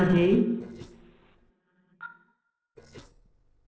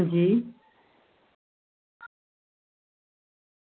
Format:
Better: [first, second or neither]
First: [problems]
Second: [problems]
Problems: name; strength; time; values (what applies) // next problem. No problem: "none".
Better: second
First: noise reduction (neural separator model SepFormer DNS4)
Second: none